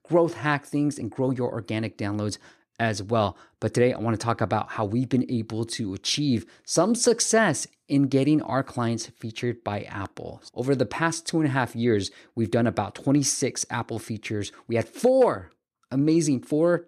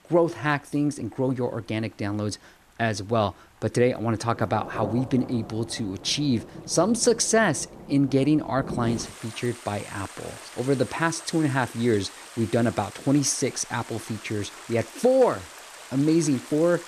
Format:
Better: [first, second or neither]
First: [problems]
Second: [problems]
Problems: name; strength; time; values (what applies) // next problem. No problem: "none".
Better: first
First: none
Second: rain or running water; noticeable; throughout; 15 dB below the speech